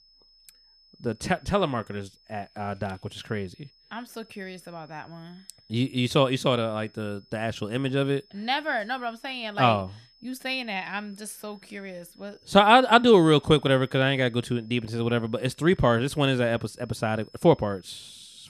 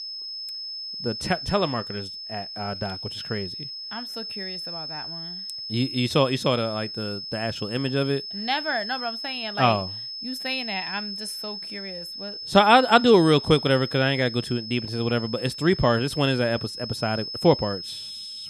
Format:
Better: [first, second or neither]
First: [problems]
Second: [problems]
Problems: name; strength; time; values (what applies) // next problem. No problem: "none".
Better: first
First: high-pitched whine; faint; throughout; 5 kHz, 30 dB below the speech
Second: high-pitched whine; loud; throughout; 5 kHz, 9 dB below the speech